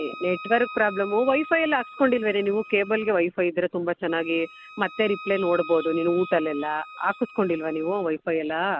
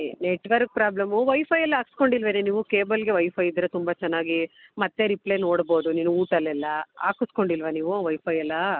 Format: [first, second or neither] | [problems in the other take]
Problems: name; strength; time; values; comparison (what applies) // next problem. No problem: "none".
second | background sound (Wind instrument, woodwind instrument); 16 dB below the speech